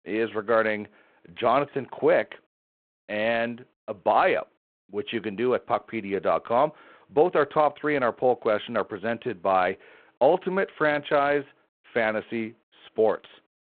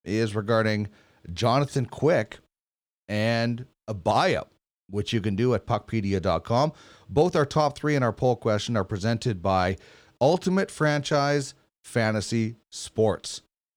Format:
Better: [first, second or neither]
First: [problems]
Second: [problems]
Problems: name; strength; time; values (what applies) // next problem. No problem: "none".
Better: second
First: phone-call audio; nothing above 3.5 kHz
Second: none